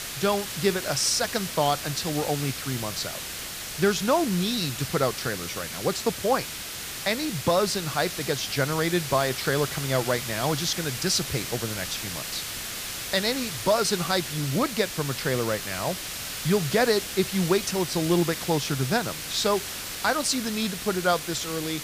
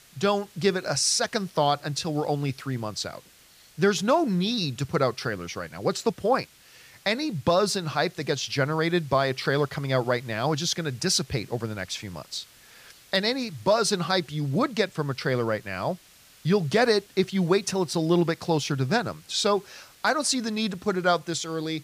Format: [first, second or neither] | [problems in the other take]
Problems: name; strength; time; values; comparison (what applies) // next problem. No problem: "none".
second | hiss; loud; throughout; 6 dB below the speech; faint in the second